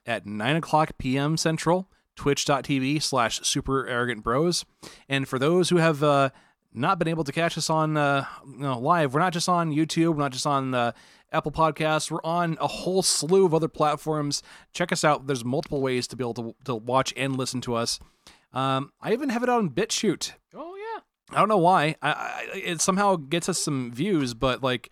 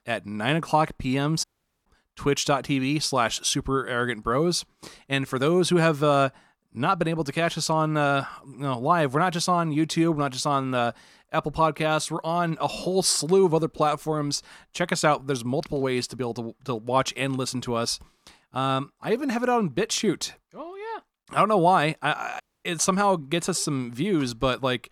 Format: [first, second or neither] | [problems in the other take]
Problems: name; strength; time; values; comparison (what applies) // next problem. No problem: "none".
first | audio cutting out; at 1.5 s and at 22 s